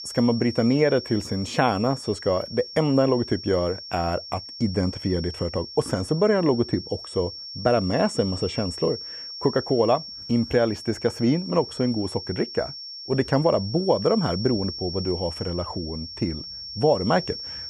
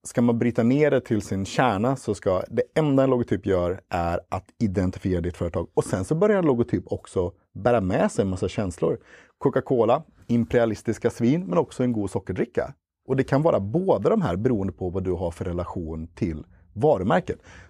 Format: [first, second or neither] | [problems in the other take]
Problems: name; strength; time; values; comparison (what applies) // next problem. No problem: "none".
second | high-pitched whine; noticeable; throughout; 5.5 kHz, 10 dB below the speech